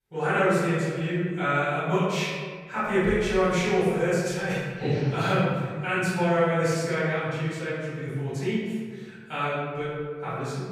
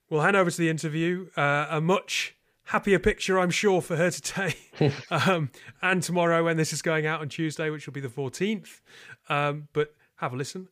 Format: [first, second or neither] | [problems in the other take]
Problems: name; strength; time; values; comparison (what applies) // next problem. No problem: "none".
second | room echo; strong; dies away in 1.6 s // off-mic speech; far